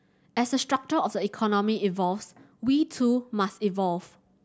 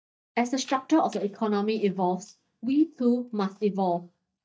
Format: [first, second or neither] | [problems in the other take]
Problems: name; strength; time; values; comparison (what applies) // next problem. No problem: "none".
first | noise reduction (neural mask model DeepFilterNet 3)